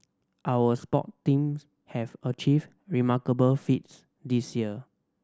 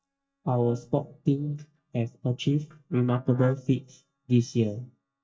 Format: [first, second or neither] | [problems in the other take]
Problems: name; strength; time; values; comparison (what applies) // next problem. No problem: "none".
first | noise reduction (neural mask model DeepFilterNet 3)